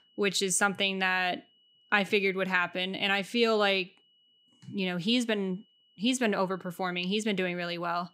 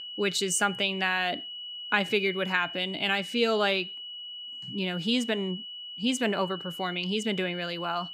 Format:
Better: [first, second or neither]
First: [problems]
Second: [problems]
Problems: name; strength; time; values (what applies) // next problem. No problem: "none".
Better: first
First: high-pitched whine; faint; throughout; 3 kHz, 35 dB below the speech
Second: high-pitched whine; loud; throughout; 3 kHz, 9 dB below the speech